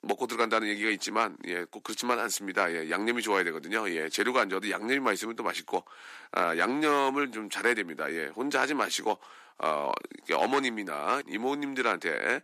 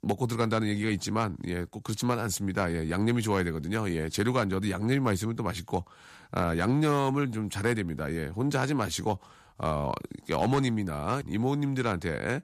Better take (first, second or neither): second